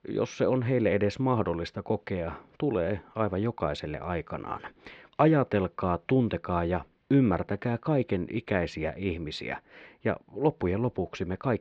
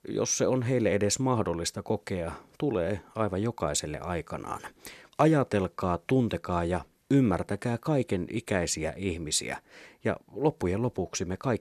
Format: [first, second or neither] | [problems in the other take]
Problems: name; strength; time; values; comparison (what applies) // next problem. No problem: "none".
second | muffled; very; fading above 3.5 kHz